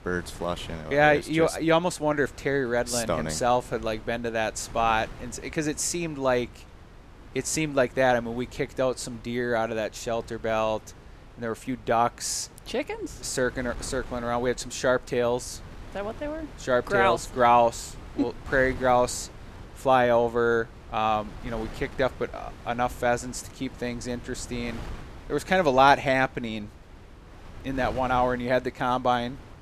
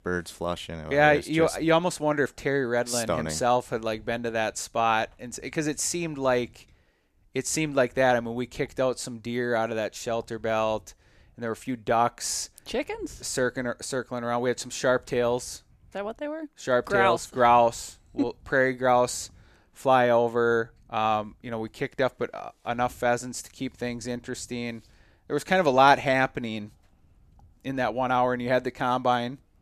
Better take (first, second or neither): second